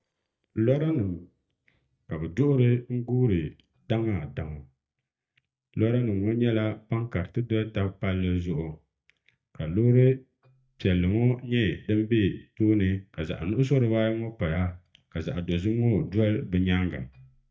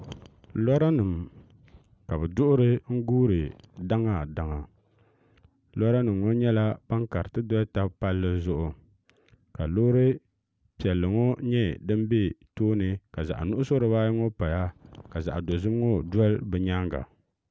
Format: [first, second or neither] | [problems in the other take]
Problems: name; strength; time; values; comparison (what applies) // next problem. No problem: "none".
second | noise reduction (neural mask model DeepFilterNet 3)